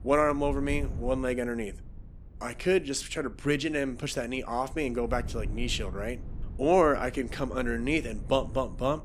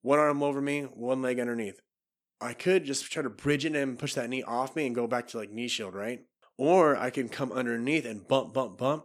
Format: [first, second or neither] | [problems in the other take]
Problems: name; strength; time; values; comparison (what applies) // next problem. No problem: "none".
second | low rumble; faint; throughout; 25 dB below the speech